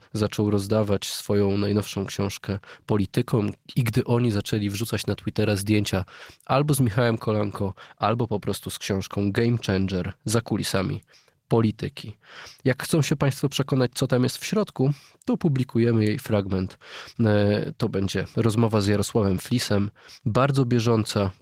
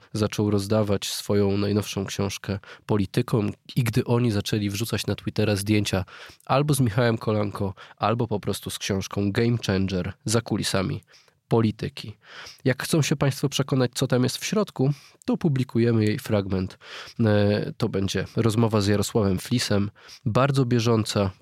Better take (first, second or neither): second